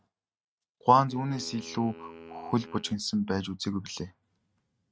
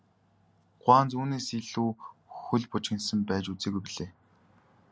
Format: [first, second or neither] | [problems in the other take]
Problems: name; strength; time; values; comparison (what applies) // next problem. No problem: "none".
second | noise reduction (neural mask model RNNoise)